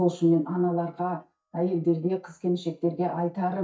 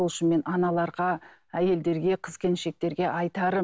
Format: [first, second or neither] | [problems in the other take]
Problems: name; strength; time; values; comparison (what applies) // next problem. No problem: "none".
second | noise reduction (neural mask model DeepFilterNet 3)